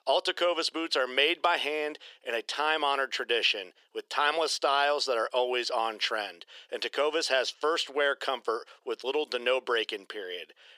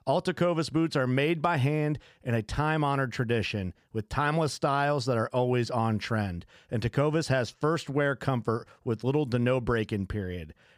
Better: second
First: thin; very; fading below 400 Hz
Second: none

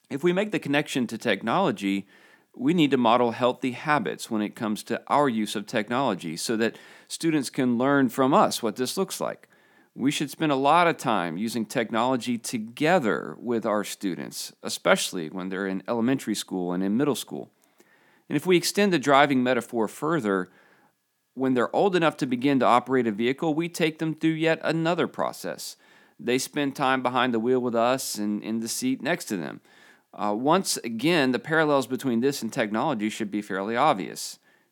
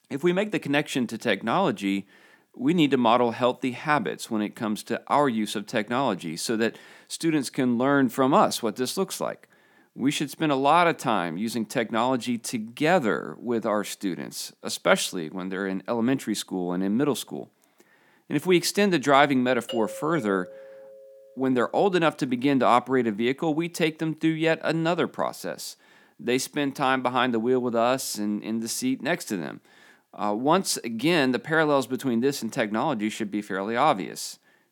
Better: first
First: none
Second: doorbell; faint; from 20 to 21 s; peak 10 dB below the speech

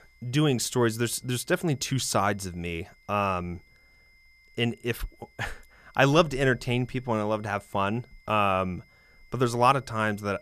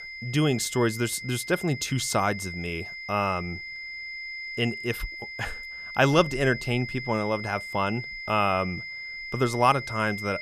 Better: first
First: high-pitched whine; faint; throughout; 2 kHz, 30 dB below the speech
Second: high-pitched whine; loud; throughout; 2 kHz, 9 dB below the speech

